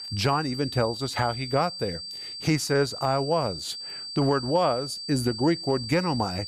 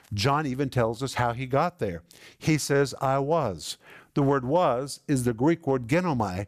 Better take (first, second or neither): second